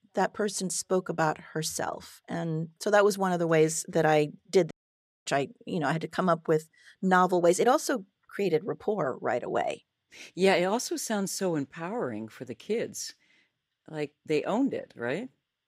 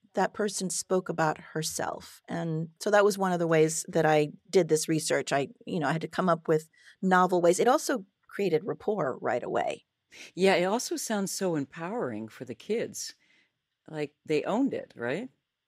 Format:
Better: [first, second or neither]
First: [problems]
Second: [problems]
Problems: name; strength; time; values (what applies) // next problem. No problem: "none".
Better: second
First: audio cutting out; at 4.5 s for 0.5 s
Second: none